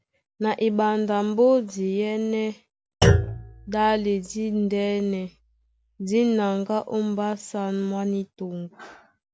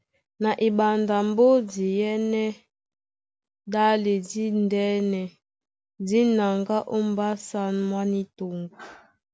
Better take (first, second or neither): second